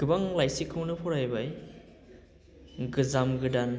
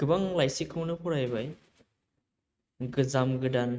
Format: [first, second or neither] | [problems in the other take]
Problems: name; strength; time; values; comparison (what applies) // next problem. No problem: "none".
first | noise reduction (neural mask model RNNoise)